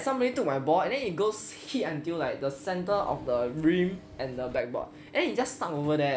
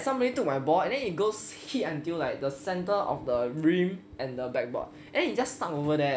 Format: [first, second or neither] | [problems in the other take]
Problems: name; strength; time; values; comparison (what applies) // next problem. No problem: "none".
second | background sound (Engine / Mechanisms); 20 dB below the speech